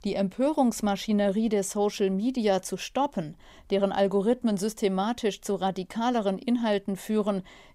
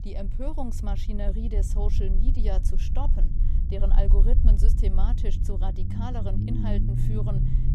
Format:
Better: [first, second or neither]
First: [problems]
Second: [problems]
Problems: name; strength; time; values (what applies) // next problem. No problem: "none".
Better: first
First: none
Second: low rumble; loud; throughout; 4 dB below the speech